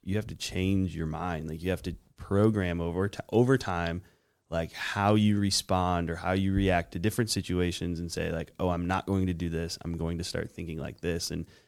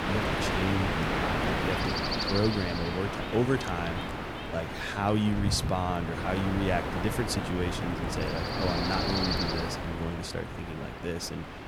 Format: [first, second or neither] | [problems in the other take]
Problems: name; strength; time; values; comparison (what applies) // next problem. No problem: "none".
first | wind noise on the microphone; heavy; 2 dB above the speech